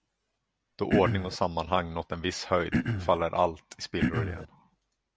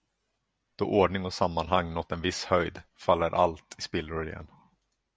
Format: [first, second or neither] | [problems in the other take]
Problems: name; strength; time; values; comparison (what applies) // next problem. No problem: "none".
second | background sound (Cough); 2 dB above the speech